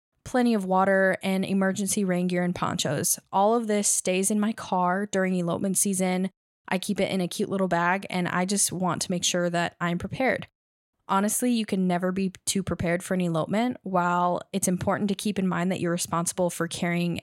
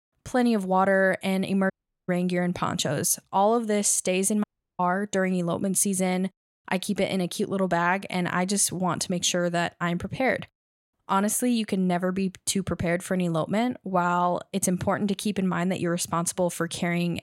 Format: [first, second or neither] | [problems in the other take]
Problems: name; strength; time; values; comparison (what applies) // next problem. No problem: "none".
first | audio cutting out; at 1.5 s and at 4.5 s